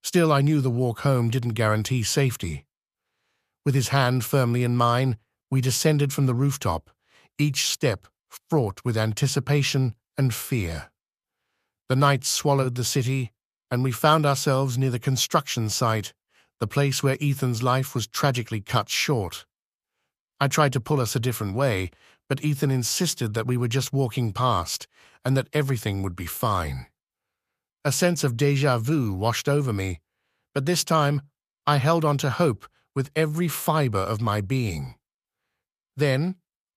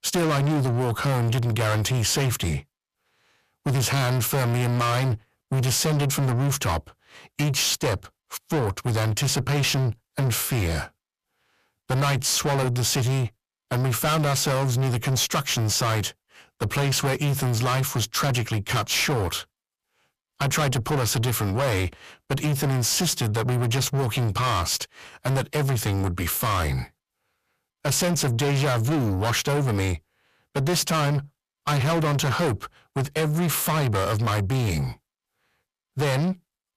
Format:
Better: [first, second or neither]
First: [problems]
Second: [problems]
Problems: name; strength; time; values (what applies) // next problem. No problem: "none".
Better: first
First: none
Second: distortion; heavy; 5 dB below the speech